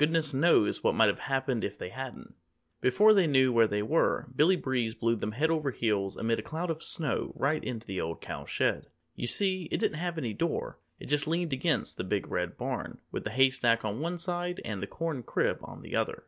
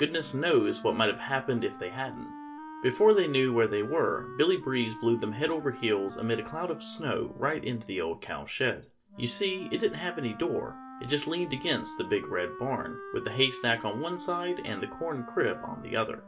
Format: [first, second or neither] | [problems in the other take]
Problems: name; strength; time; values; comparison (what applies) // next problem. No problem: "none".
first | background sound (Wind instrument, woodwind instrument); 14 dB below the speech // room echo; dies away in 0.2 s